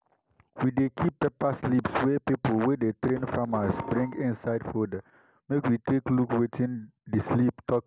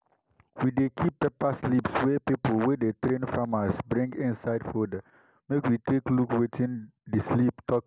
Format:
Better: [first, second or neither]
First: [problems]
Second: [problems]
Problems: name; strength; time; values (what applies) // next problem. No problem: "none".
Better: second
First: background sound (Dishes, pots, and pans); 12 dB below the speech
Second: none